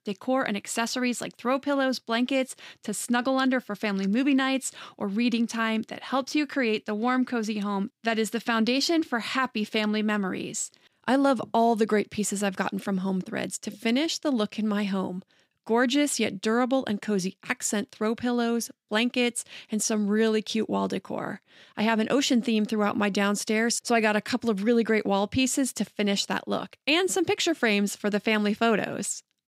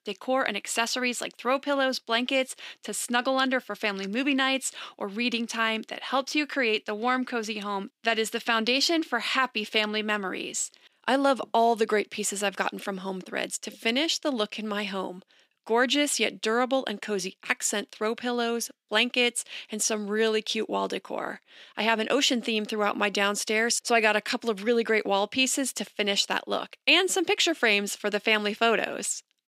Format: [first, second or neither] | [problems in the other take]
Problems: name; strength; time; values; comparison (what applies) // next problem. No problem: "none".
first | thin; very slightly; fading below 350 Hz